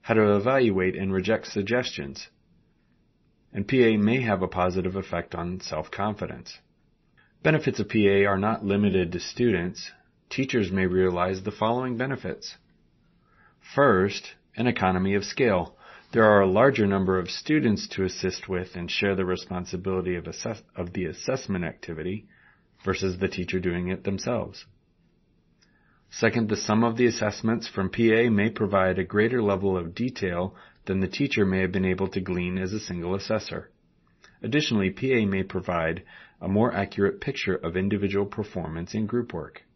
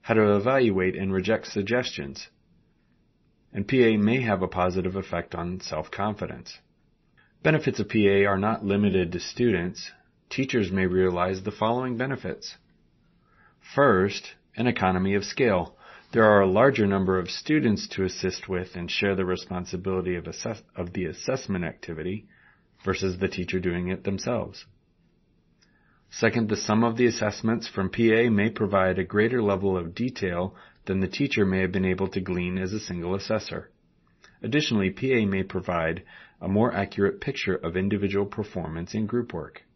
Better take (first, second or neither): neither